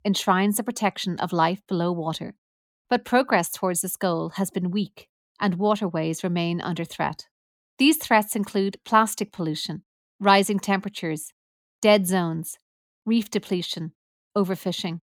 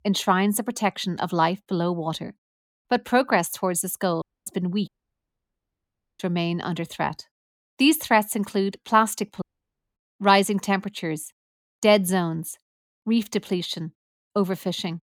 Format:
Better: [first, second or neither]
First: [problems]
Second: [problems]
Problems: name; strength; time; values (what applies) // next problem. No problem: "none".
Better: first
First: none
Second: audio cutting out; at 4 s, at 5 s for 1.5 s and at 9.5 s for 0.5 s